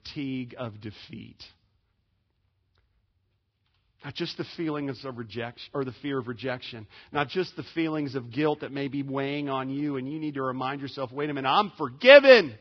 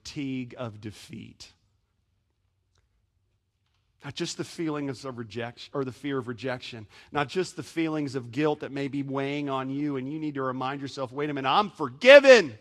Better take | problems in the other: second | garbled, watery; badly; nothing above 5 kHz; slightly in the second

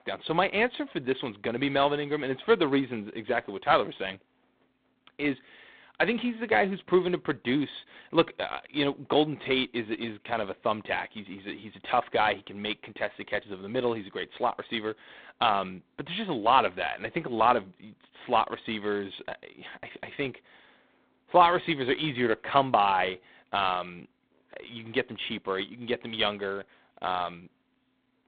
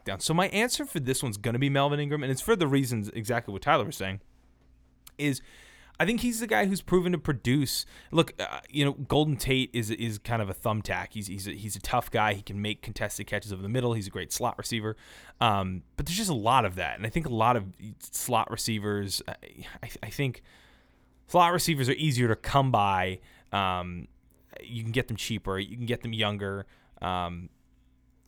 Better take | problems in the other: second | phone-call audio; poor line; nothing above 3.5 kHz

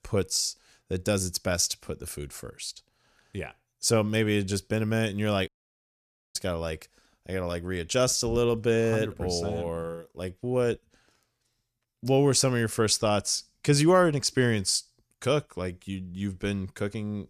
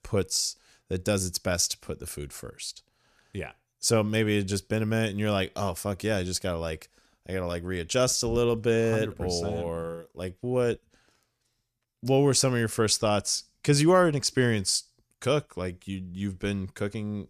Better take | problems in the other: second | audio cutting out; at 5.5 s for 1 s

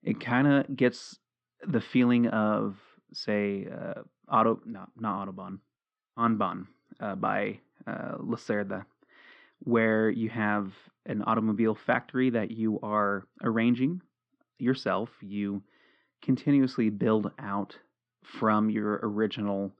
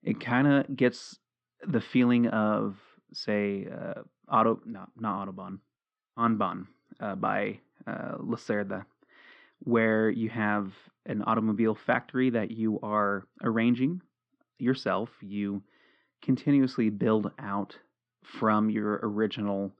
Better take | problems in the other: neither | muffled; very; fading above 3.5 kHz; the same in both

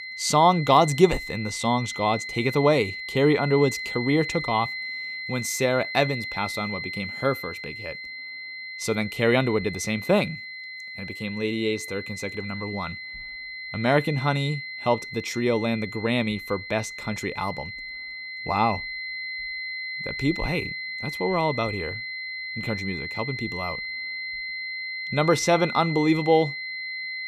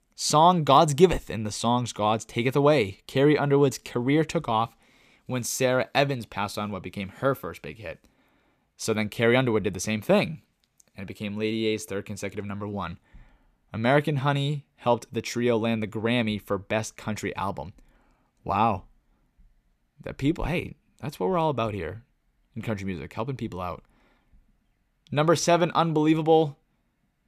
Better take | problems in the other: second | high-pitched whine; loud; throughout; 2 kHz, 7 dB below the speech

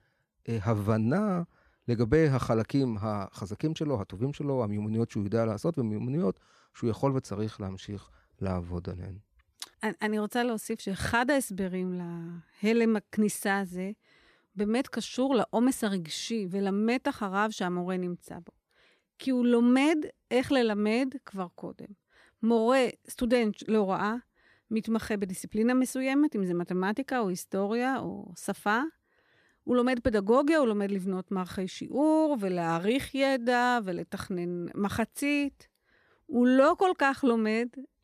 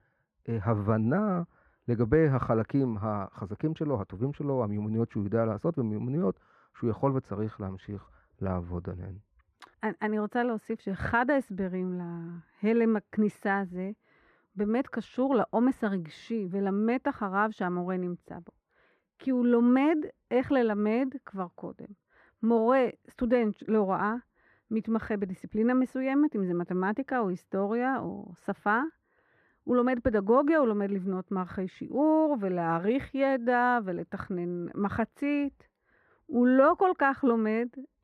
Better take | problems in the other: first | muffled; very; fading above 3 kHz

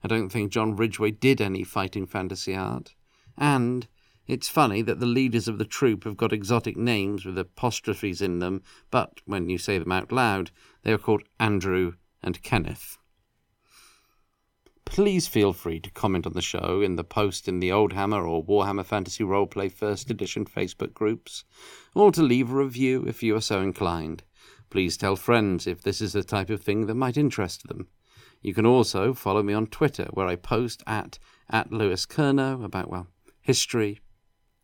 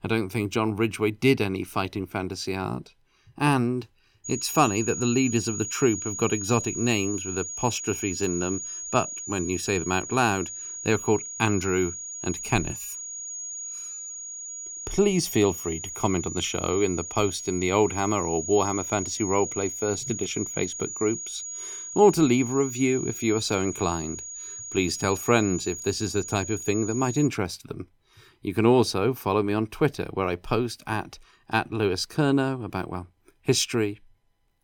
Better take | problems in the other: first | high-pitched whine; loud; from 4.5 to 27 s; 6.5 kHz, 7 dB below the speech

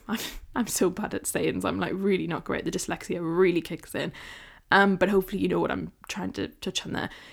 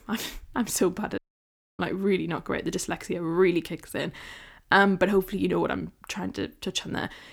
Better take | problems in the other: first | audio cutting out; at 1 s for 0.5 s

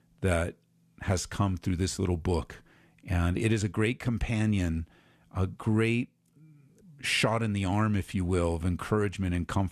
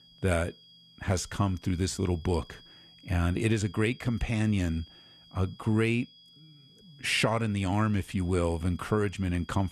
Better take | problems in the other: first | high-pitched whine; faint; throughout; 3.5 kHz, 25 dB below the speech

